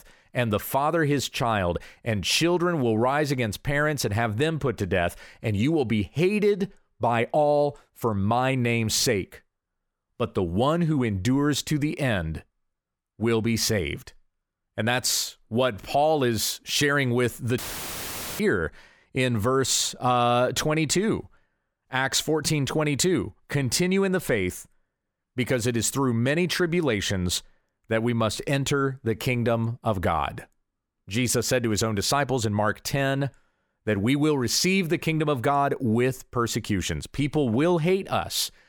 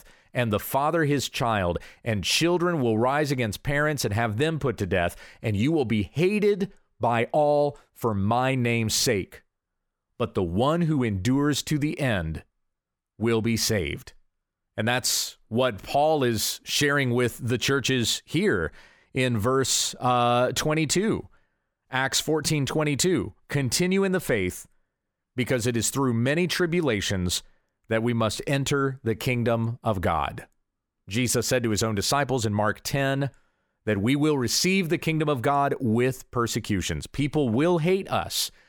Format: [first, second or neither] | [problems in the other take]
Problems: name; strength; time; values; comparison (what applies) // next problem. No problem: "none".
second | audio cutting out; filled with static; at 18 s for 1 s